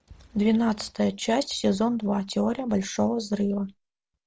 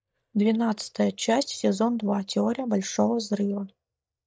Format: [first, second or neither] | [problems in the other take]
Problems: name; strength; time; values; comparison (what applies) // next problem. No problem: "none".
first | noise reduction (neural mask model DeepFilterNet 3)